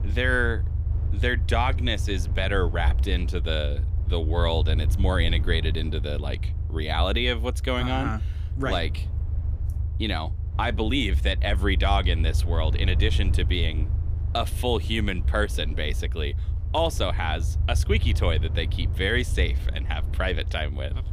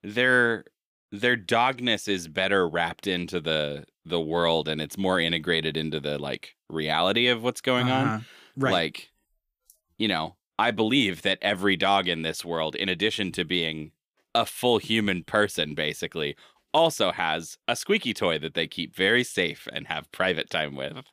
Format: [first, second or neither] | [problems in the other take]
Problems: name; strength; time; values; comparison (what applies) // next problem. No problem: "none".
second | low rumble; noticeable; throughout; 15 dB below the speech